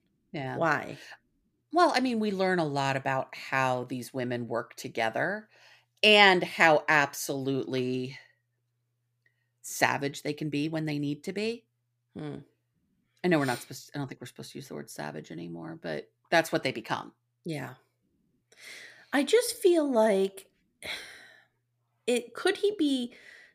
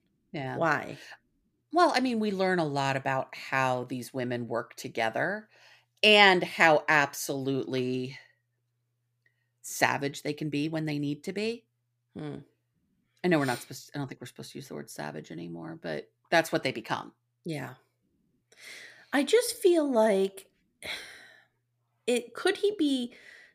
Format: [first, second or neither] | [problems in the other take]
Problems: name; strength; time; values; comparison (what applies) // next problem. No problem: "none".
neither | none